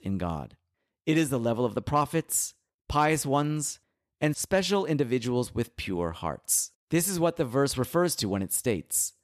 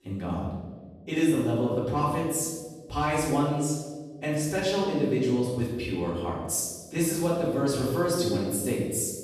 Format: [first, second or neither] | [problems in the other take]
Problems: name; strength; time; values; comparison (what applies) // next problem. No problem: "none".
first | off-mic speech; far // room echo; noticeable; dies away in 1.2 s